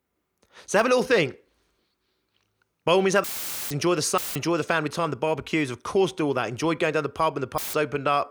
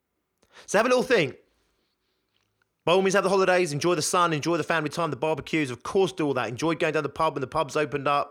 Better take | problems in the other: second | audio cutting out; filled with static; at 3 s, at 4 s and at 7.5 s

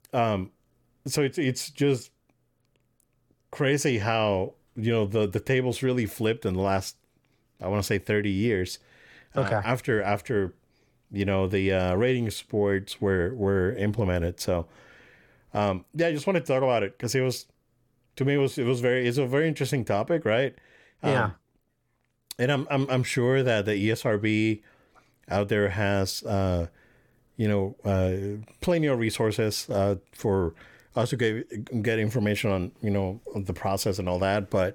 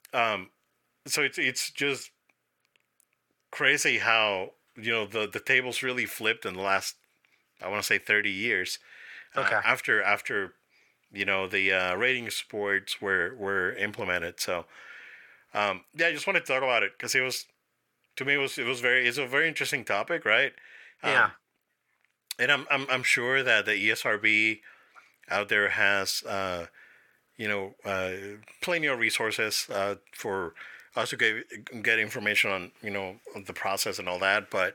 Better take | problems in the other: first | thin; somewhat; fading below 1 kHz

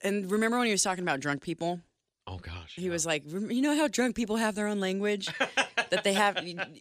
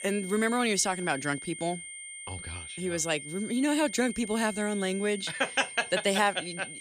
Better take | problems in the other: first | high-pitched whine; noticeable; throughout; 2 kHz, 10 dB below the speech

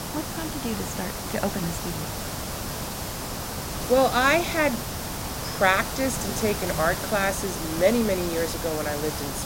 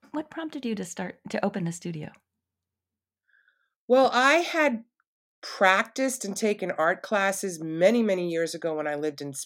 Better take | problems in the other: second | hiss; loud; throughout; 5 dB below the speech

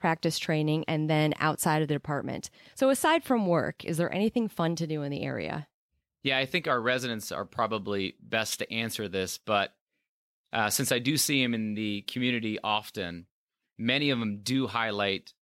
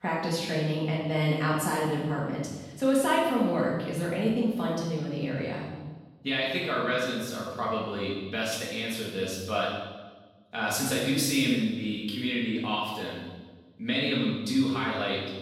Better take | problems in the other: first | off-mic speech; far // room echo; strong; dies away in 1.1 s

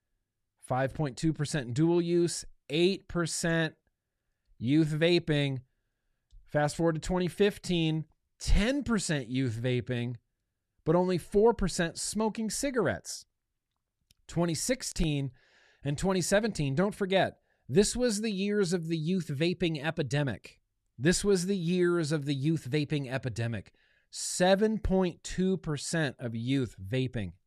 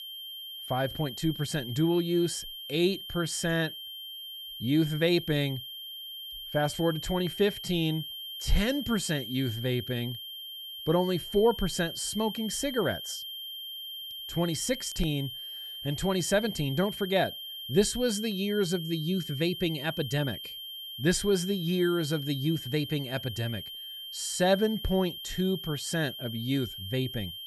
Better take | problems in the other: first | high-pitched whine; loud; throughout; 3 kHz, 8 dB below the speech

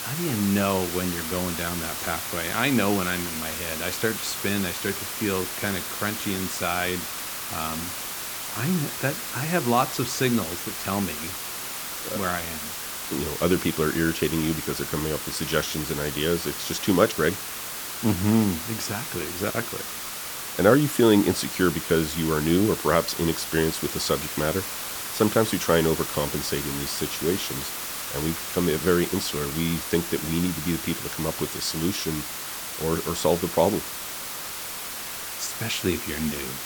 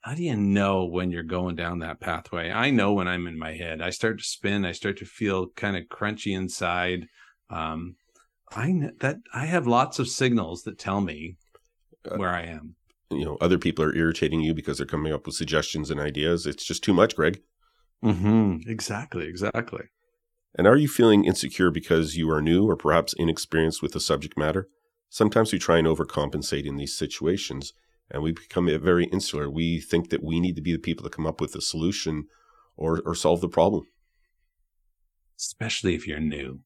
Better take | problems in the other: second | hiss; loud; throughout; 4 dB below the speech

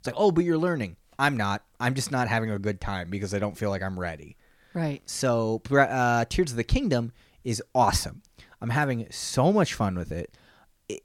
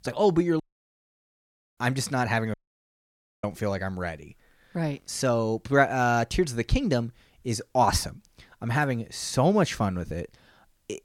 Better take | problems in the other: first | audio cutting out; at 0.5 s for 1 s and at 2.5 s for 1 s

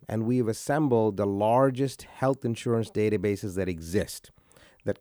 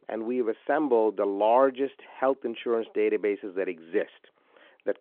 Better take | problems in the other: first | phone-call audio

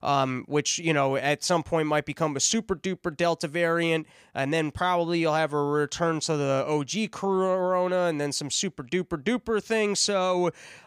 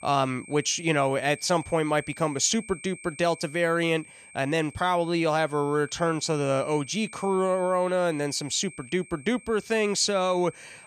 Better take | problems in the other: first | high-pitched whine; noticeable; throughout; 2.5 kHz, 20 dB below the speech

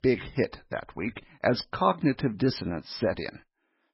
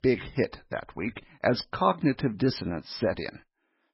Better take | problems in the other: neither | garbled, watery; badly; nothing above 5.5 kHz; the same in both

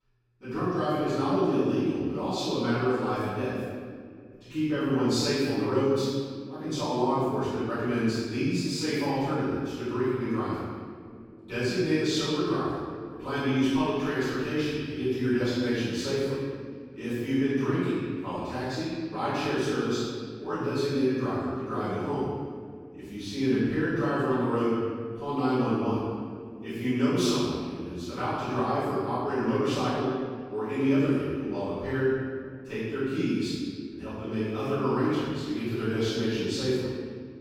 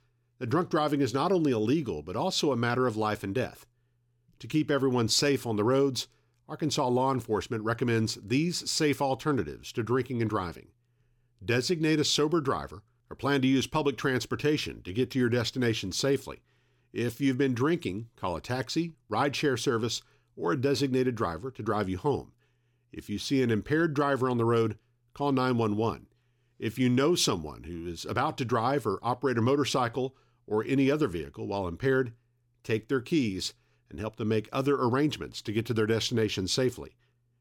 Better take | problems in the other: second | off-mic speech; far // room echo; strong; dies away in 1.8 s

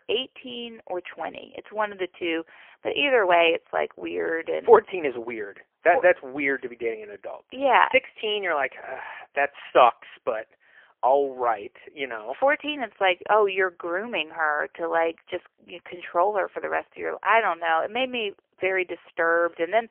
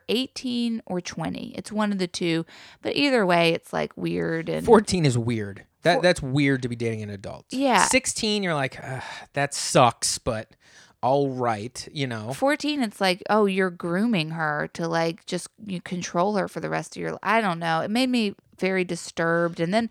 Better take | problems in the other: second | phone-call audio; poor line; nothing above 3 kHz

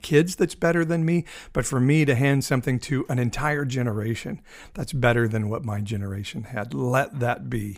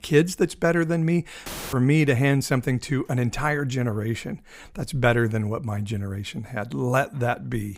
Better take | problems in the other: first | audio cutting out; filled with static; at 1.5 s

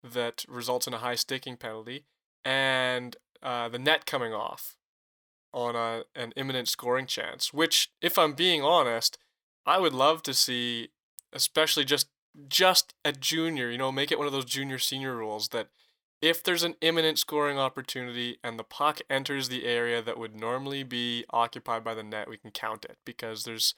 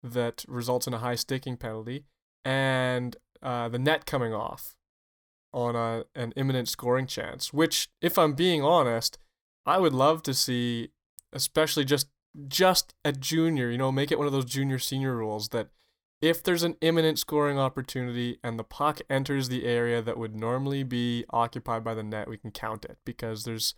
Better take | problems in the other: second | thin; very slightly; fading below 550 Hz

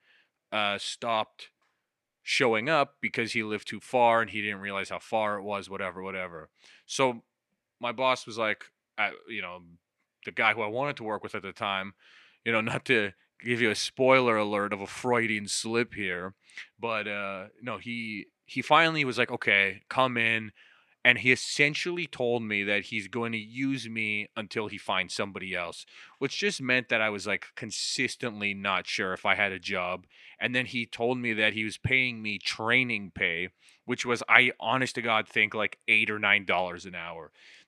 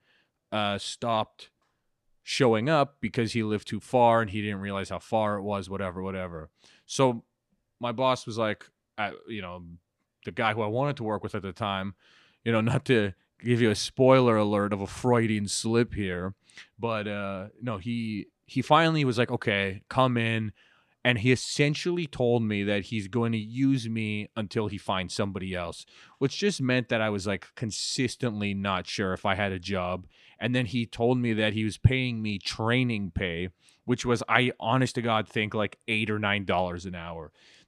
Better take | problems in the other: second | thin; very slightly; fading below 700 Hz

